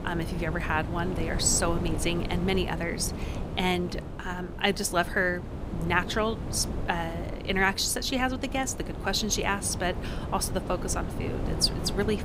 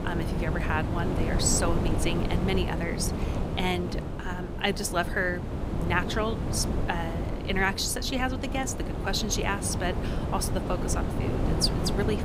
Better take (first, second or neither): first